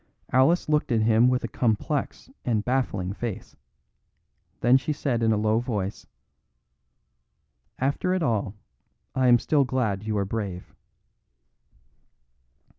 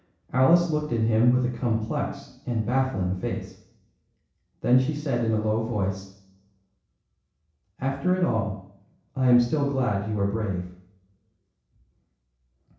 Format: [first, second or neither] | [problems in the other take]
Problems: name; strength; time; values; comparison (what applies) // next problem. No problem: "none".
first | room echo; dies away in 0.7 s